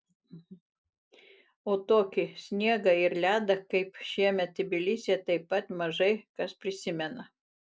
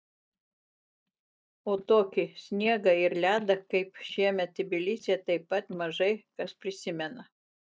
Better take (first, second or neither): first